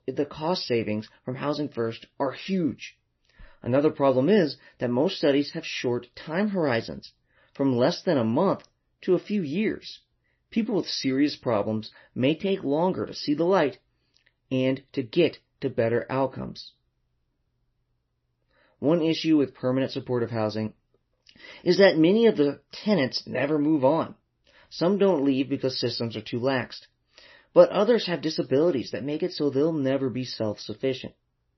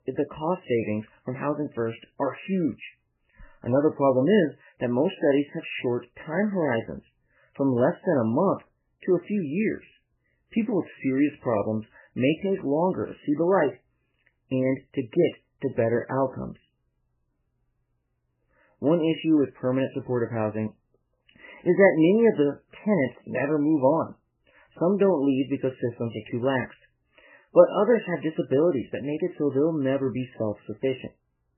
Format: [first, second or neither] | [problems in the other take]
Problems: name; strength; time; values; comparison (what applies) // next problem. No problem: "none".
first | garbled, watery; badly; nothing above 3 kHz; slightly in the first